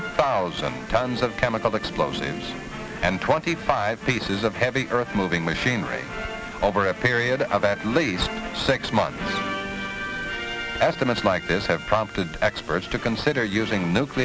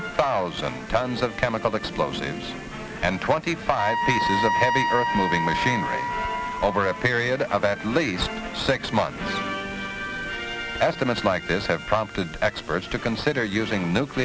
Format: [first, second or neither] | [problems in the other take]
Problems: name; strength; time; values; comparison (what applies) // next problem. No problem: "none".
first | background sound (Wind instrument, woodwind instrument); 1 dB below the speech